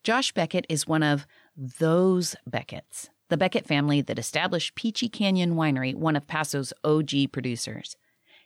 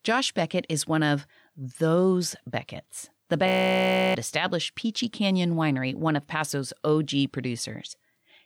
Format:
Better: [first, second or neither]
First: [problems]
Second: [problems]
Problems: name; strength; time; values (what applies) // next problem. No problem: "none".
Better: first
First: none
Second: audio freezing; at 3.5 s for 0.5 s